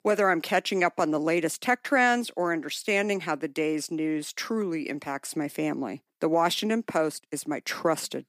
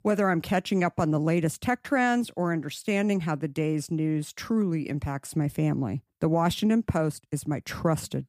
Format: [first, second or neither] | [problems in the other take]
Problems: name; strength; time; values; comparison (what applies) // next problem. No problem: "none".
second | thin; somewhat; fading below 300 Hz